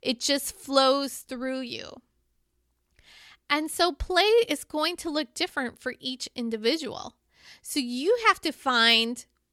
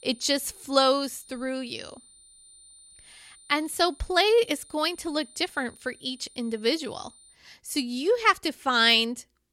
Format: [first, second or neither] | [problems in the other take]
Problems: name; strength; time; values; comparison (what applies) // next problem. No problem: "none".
first | high-pitched whine; faint; until 7.5 s; 9 kHz, 25 dB below the speech